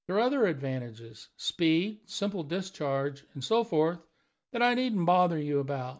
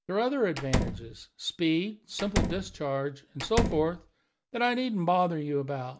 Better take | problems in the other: first | background sound (Slam); 2 dB below the speech

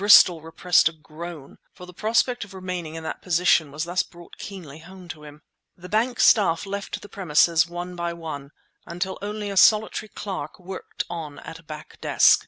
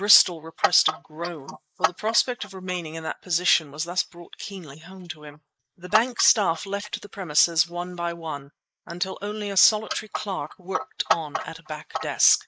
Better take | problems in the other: first | noise reduction (neural mask model Resemble Enhance denoiser)

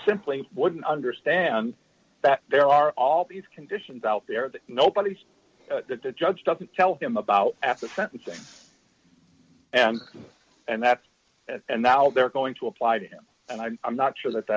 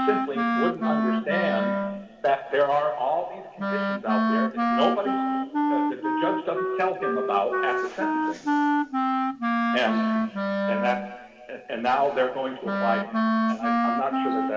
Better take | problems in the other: first | background sound (Wind instrument, woodwind instrument); 2 dB above the speech // room echo; dies away in 2.1 s

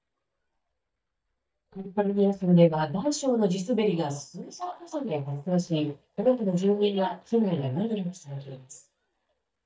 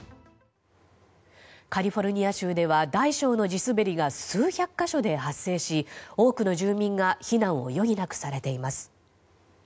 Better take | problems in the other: second | noise reduction (neural mask model DeepFilterNet 3)

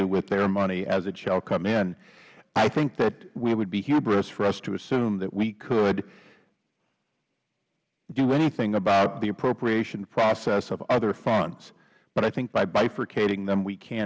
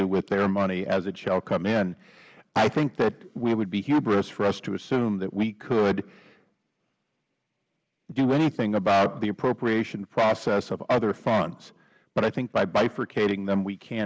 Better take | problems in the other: first | noise reduction (neural mask model Resemble Enhance denoiser)

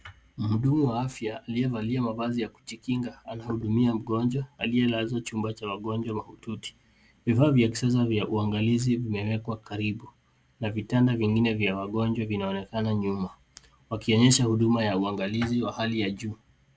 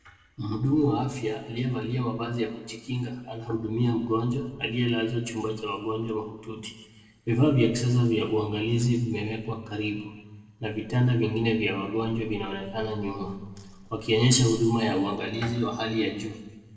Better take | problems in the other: first | noise reduction (neural separator model SepFormer DNS4)

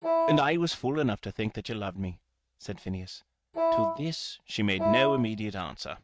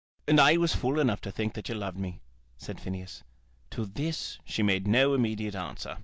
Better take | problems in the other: second | noise reduction (neural mask model RNNoise)

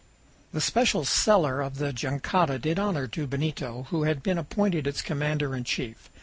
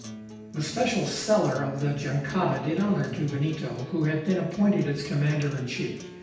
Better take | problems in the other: first | background sound (Acoustic guitar); 15 dB below the speech // room echo; dies away in 0.9 s

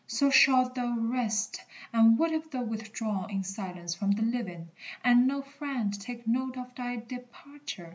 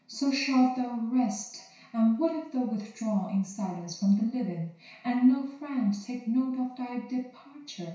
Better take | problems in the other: first | room echo; dies away in 0.6 s

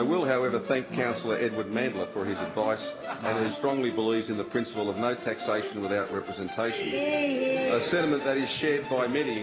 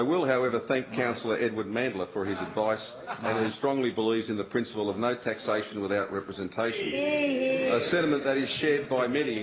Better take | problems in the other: second | background sound (Musical instrument); 11 dB below the speech

